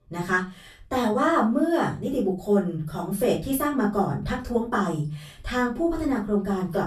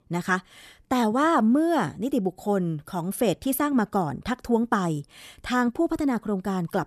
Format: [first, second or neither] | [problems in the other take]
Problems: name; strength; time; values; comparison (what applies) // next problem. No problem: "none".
second | off-mic speech; far // room echo; slight; dies away in 0.3 s